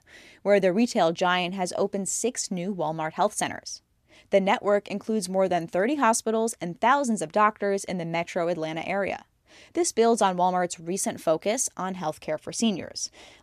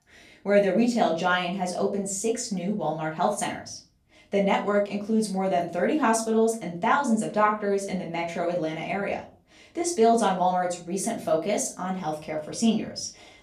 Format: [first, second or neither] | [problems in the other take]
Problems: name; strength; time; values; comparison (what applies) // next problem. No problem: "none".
first | room echo; slight; dies away in 0.3 s // off-mic speech; far